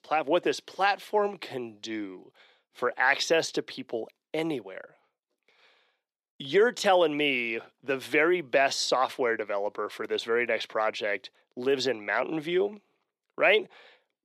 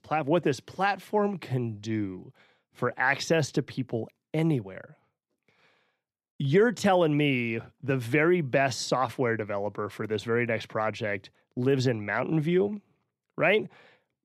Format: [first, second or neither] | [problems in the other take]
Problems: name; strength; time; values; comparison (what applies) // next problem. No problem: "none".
second | thin; somewhat; fading below 450 Hz